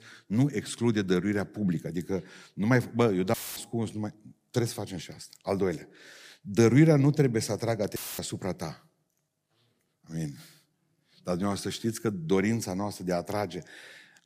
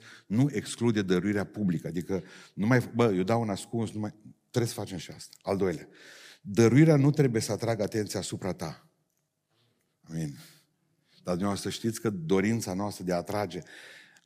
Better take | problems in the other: second | audio cutting out; filled with static; at 3.5 s and at 8 s

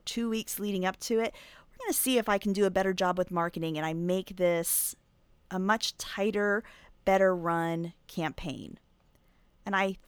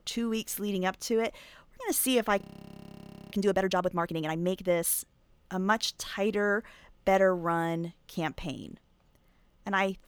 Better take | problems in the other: first | audio freezing; at 2.5 s for 1 s

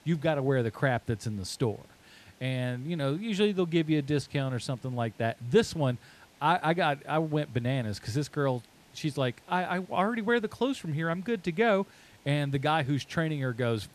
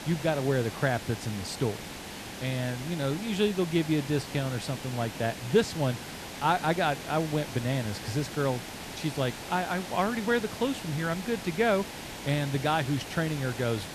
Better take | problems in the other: first | hiss; loud; throughout; 9 dB below the speech; faint in the first

